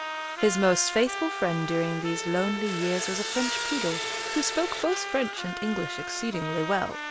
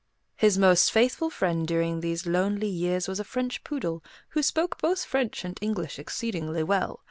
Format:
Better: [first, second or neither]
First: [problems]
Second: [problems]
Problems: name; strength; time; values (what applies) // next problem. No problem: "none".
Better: second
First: background sound (Trumpet + Sawing); 5 dB below the speech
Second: none